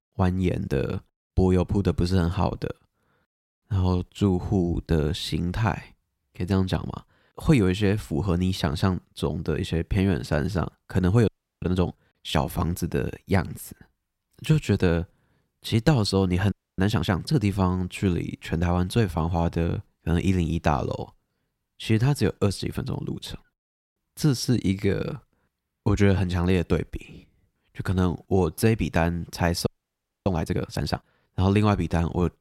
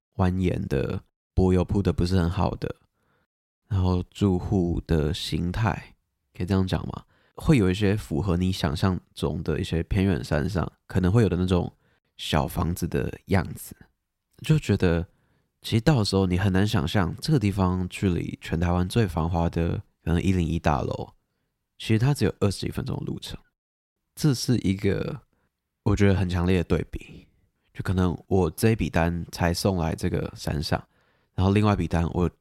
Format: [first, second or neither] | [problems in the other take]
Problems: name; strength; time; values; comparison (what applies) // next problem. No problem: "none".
second | audio freezing; at 11 s, at 17 s and at 30 s for 0.5 s